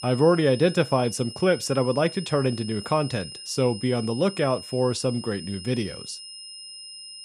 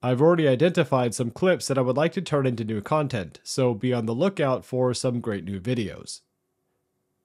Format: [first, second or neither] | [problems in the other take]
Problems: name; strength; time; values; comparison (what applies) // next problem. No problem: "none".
second | high-pitched whine; noticeable; throughout; 5 kHz, 15 dB below the speech